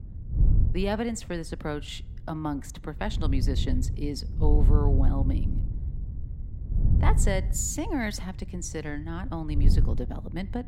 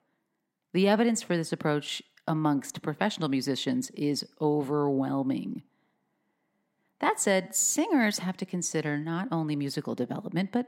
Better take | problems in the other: second | wind noise on the microphone; heavy; 9 dB below the speech

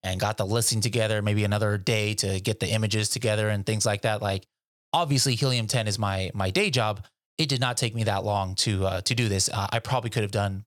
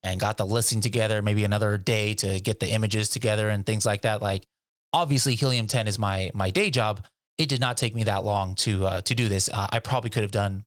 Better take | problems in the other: first | garbled, watery; slightly; nothing above 15.5 kHz

